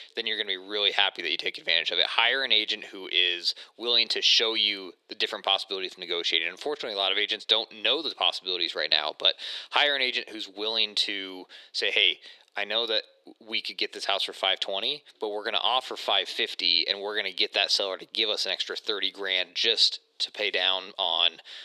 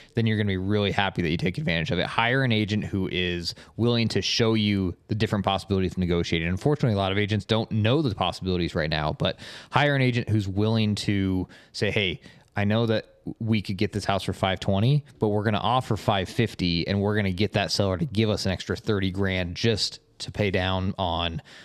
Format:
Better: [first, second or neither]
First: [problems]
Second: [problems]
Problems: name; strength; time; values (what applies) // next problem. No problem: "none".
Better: second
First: thin; very; fading below 400 Hz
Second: none